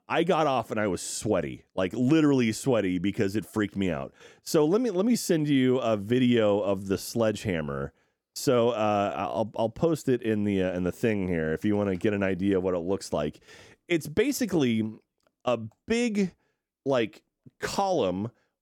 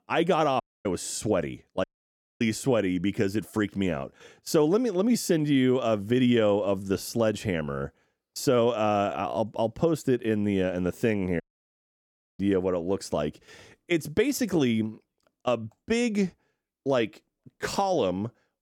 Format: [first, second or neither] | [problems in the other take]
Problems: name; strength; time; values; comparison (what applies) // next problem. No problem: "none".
first | audio cutting out; at 0.5 s, at 2 s for 0.5 s and at 11 s for 1 s